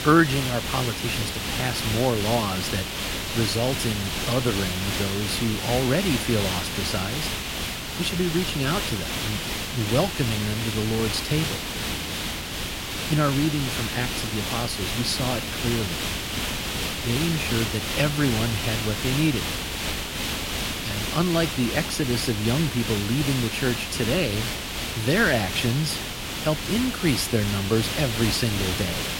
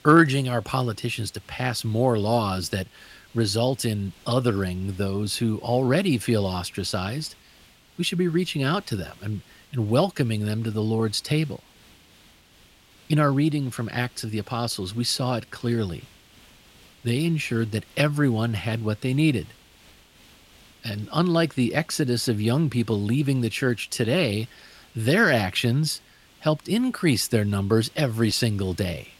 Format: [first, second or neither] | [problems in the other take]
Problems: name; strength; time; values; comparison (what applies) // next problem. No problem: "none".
second | hiss; loud; throughout; 2 dB below the speech; faint in the second